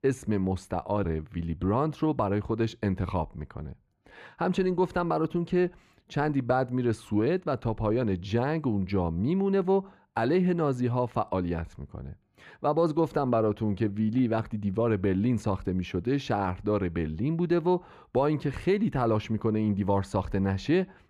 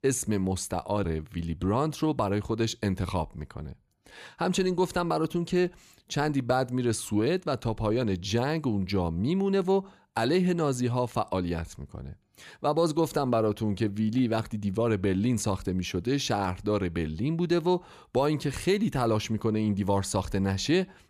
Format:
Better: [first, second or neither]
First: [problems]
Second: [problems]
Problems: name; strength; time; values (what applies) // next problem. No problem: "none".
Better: second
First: muffled; slightly; fading above 3.5 kHz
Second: none